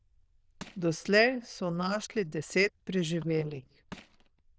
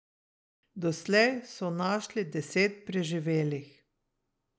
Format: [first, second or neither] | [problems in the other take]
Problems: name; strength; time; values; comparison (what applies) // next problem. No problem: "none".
second | noise reduction (neural diffusion model UNIVERSE++)